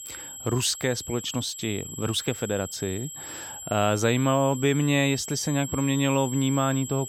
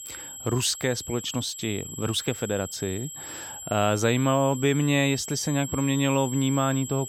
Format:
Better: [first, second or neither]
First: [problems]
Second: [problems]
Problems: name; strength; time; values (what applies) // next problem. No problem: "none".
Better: neither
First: high-pitched whine; loud; throughout; 7.5 kHz, 10 dB below the speech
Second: high-pitched whine; loud; throughout; 7.5 kHz, 10 dB below the speech